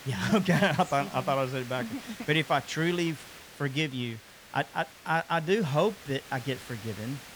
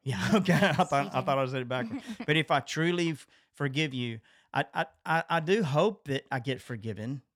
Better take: second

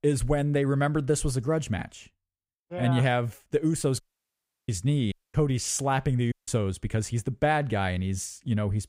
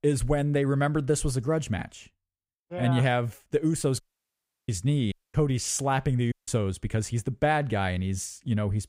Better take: neither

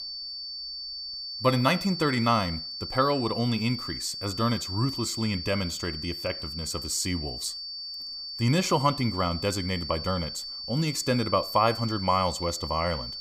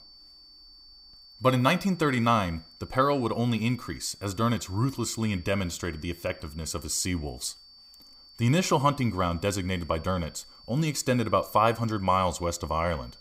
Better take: second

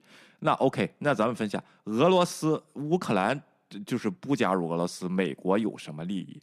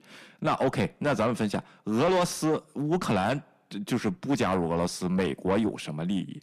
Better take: first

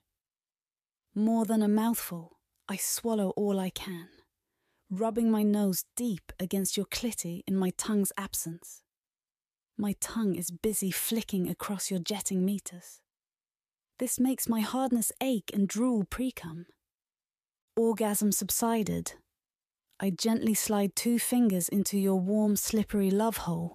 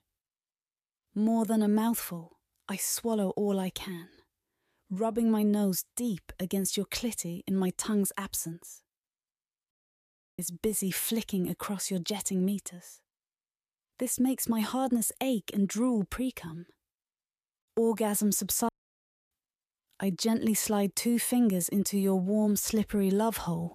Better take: first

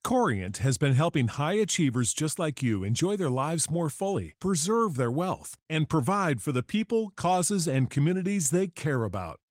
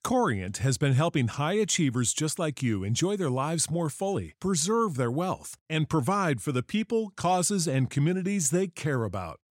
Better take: second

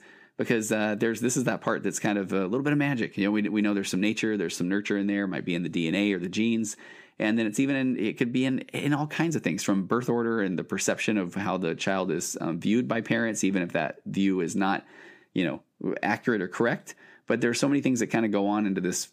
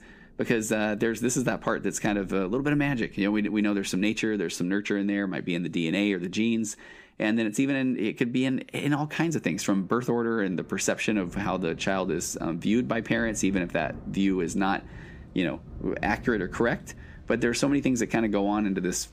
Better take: first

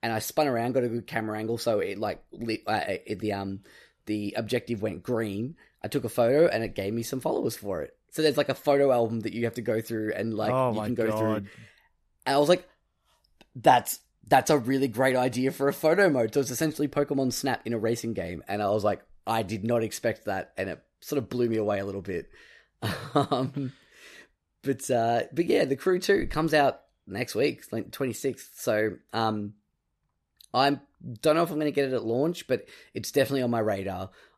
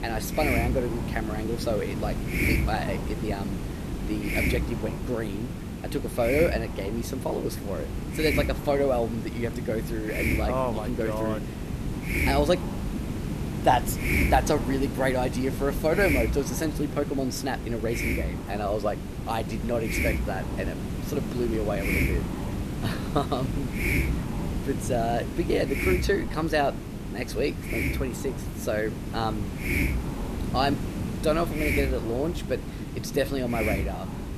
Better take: first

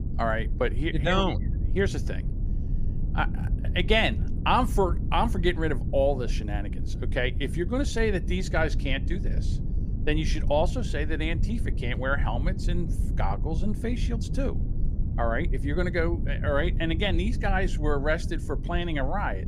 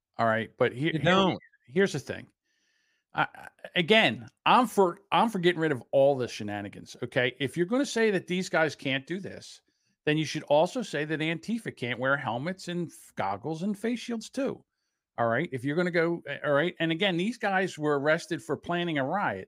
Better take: second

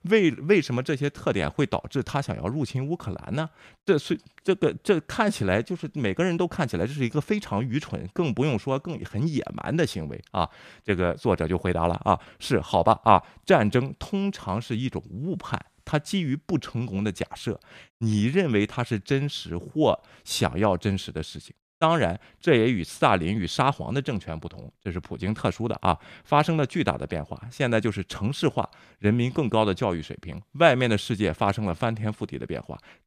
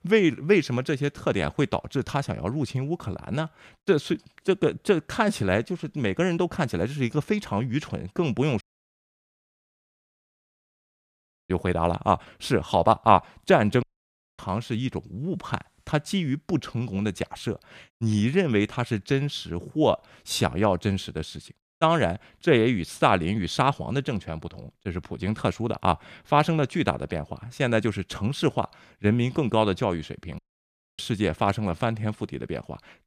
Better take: first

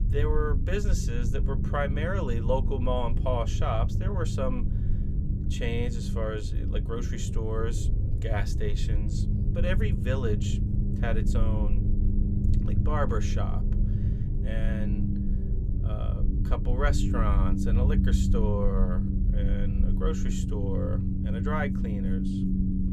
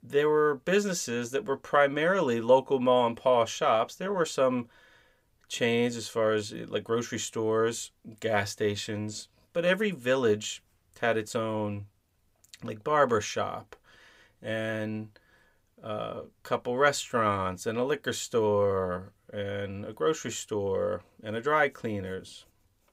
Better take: second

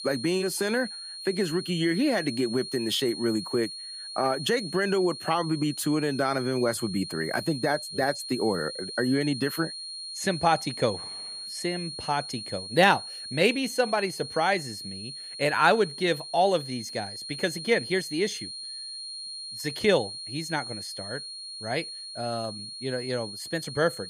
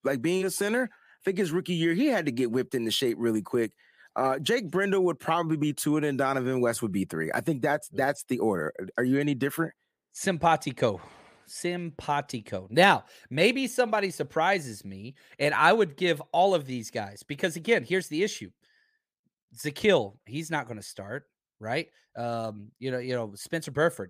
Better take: second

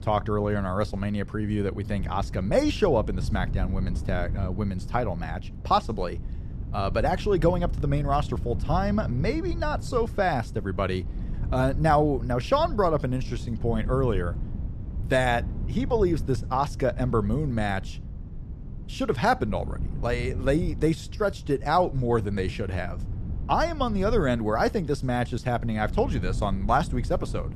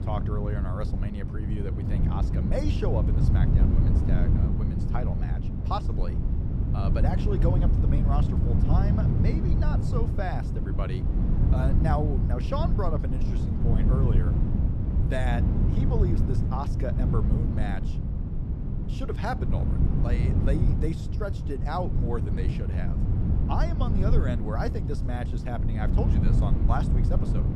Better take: first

